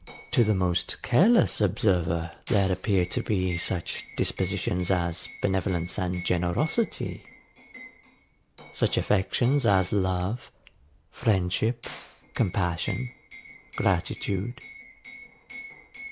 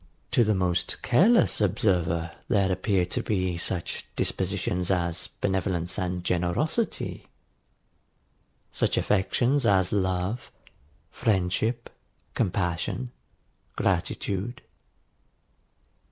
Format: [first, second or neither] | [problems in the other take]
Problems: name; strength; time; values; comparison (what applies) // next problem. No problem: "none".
second | background sound (Liquid); 18 dB below the speech